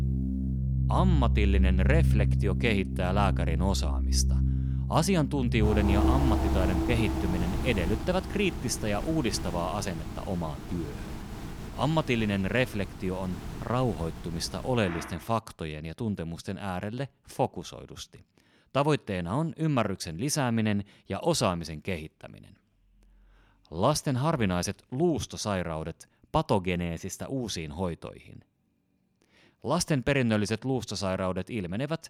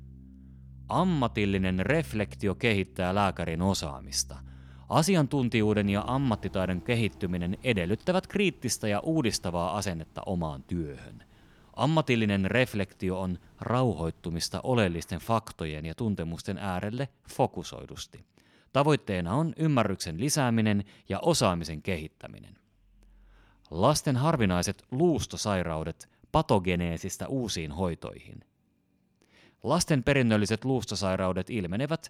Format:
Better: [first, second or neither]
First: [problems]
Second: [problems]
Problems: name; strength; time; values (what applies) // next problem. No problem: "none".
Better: second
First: background music; loud; until 15 s; as loud as the speech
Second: background music; faint; until 15 s; 20 dB below the speech